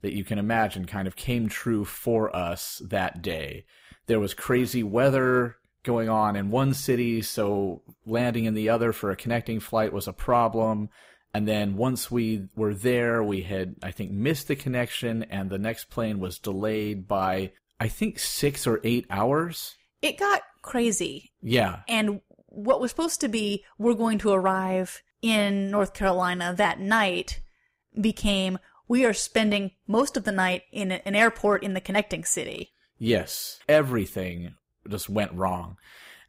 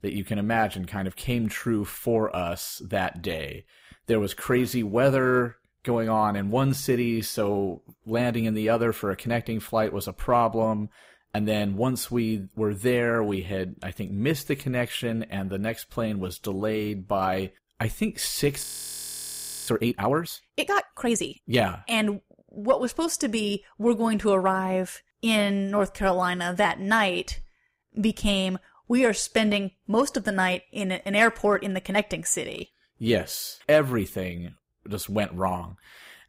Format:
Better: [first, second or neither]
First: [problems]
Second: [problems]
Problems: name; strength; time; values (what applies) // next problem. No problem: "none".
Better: first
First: none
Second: audio freezing; at 19 s for 1 s